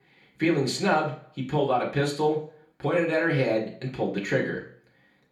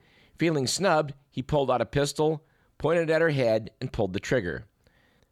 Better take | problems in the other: second | room echo; slight; dies away in 0.4 s // off-mic speech; far

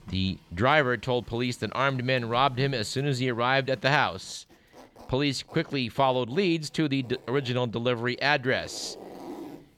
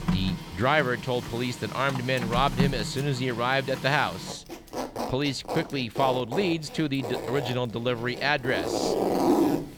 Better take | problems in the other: first | household noises; loud; throughout; 4 dB below the speech; faint in the first

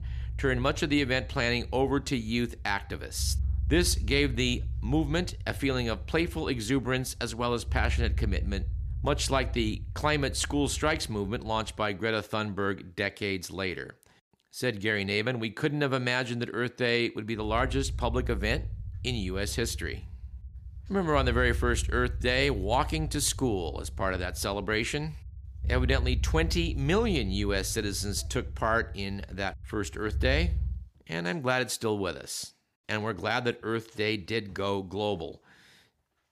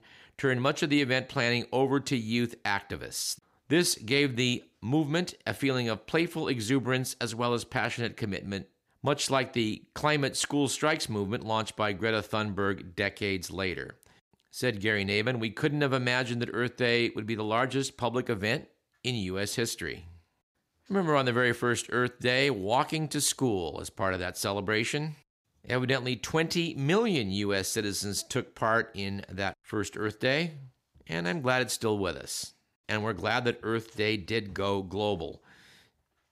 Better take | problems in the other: second | low rumble; faint; until 12 s and from 17 to 31 s; 25 dB below the speech

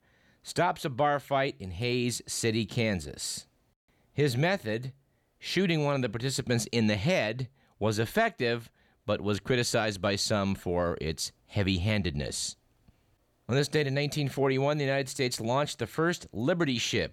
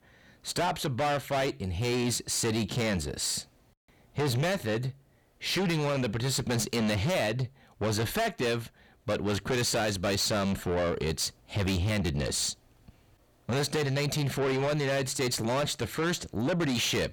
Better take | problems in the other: first | distortion; heavy; 6 dB below the speech

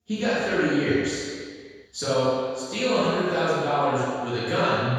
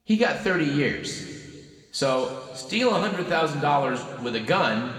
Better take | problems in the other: second | room echo; strong; dies away in 1.8 s; slight in the second // off-mic speech; far; somewhat distant in the second

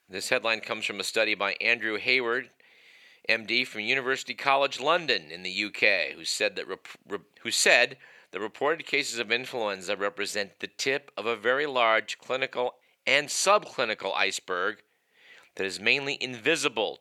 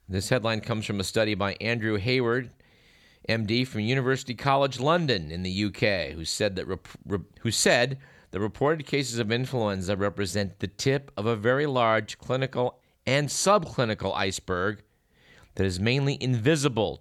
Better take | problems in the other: second | thin; somewhat; fading below 400 Hz

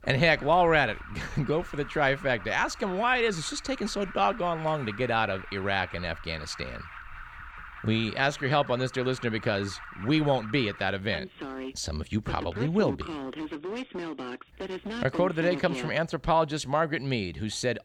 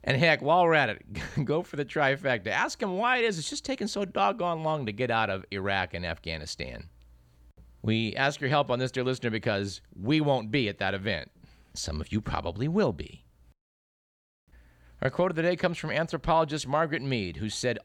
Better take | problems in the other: second | alarms or sirens; noticeable; throughout; 15 dB below the speech

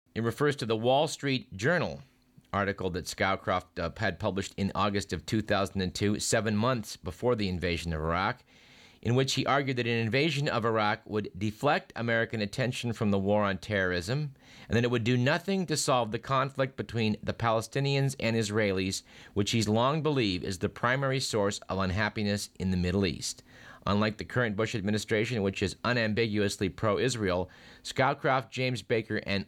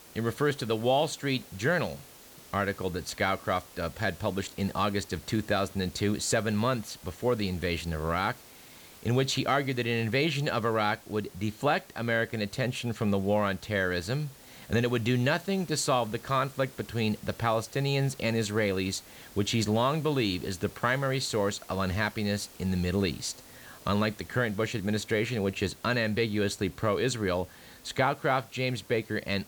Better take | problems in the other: first | hiss; faint; throughout; 20 dB below the speech

